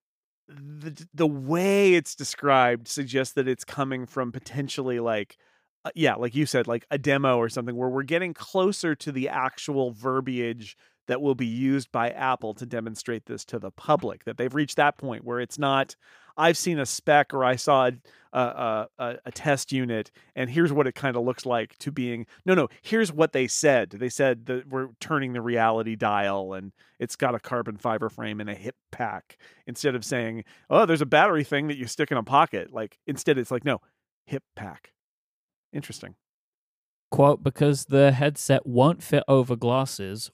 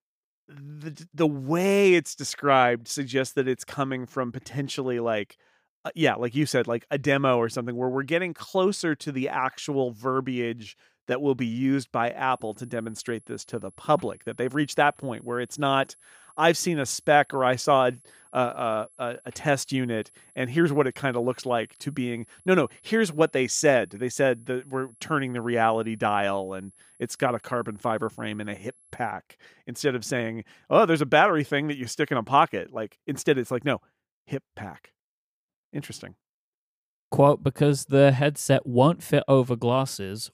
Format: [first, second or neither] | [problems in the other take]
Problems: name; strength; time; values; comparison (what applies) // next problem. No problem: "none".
first | high-pitched whine; faint; from 12 to 29 s; 11 kHz, 30 dB below the speech